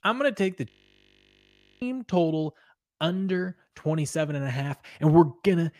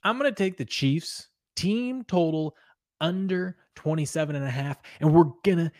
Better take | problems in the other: second | audio freezing; at 0.5 s for 1 s

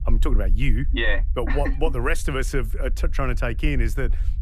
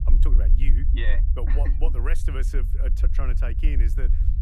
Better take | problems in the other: first | low rumble; loud; throughout; 8 dB below the speech; faint in the first

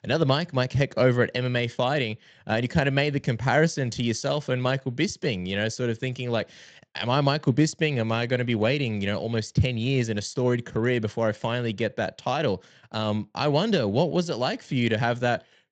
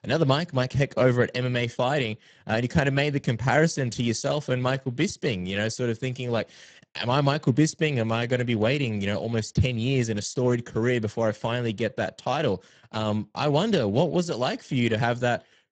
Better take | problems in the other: first | garbled, watery; badly; nothing above 8 kHz; slightly in the first

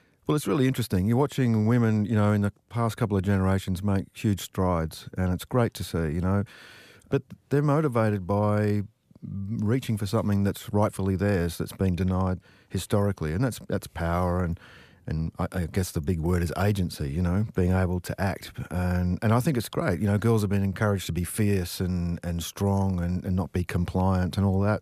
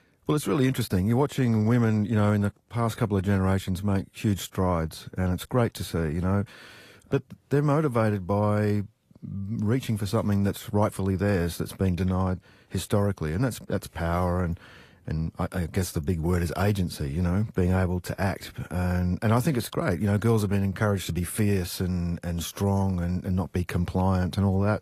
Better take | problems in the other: first | garbled, watery; slightly; nothing above 14.5 kHz

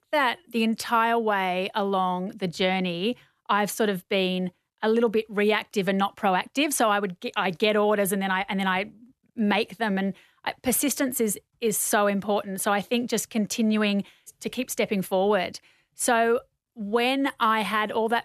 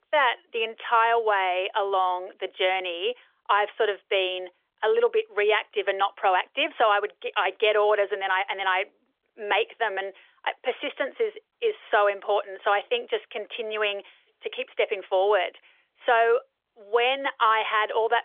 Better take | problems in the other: first | phone-call audio; nothing above 3.5 kHz

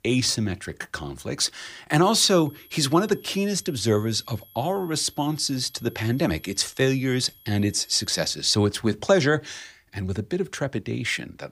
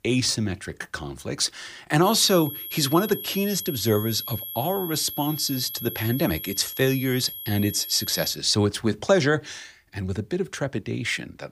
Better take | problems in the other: first | high-pitched whine; loud; from 2 to 8.5 s; 11.5 kHz, 8 dB below the speech; faint in the first

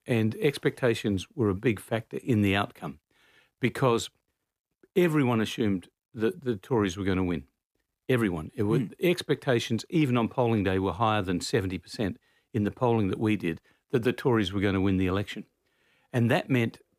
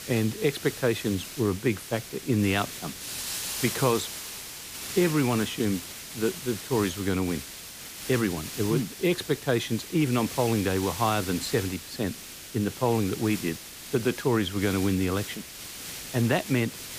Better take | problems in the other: first | hiss; loud; throughout; 8 dB below the speech

